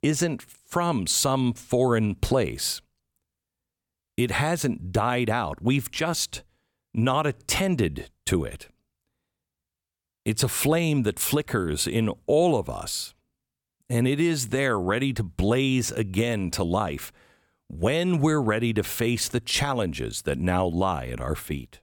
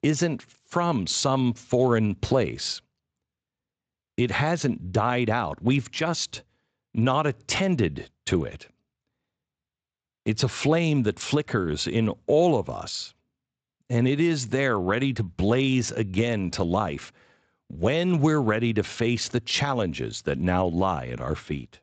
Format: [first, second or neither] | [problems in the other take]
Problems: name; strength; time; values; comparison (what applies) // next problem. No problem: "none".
first | garbled, watery; slightly; nothing above 7.5 kHz